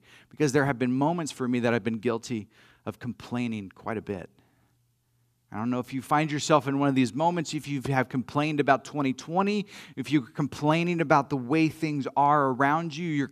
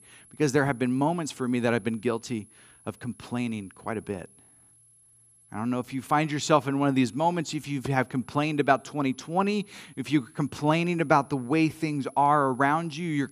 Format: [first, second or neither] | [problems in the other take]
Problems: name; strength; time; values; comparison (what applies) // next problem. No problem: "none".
first | high-pitched whine; faint; throughout; 11 kHz, 30 dB below the speech